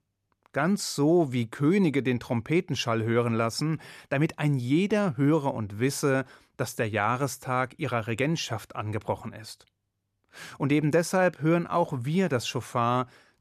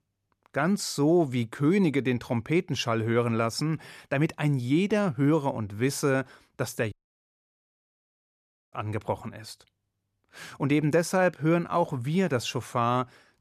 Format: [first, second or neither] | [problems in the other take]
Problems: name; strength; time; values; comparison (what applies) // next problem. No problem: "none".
first | audio cutting out; at 7 s for 2 s